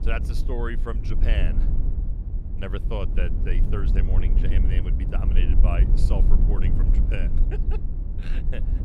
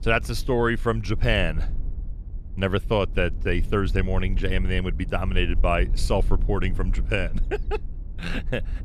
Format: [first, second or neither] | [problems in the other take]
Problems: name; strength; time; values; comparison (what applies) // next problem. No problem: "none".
second | low rumble; loud; throughout; 5 dB below the speech; faint in the second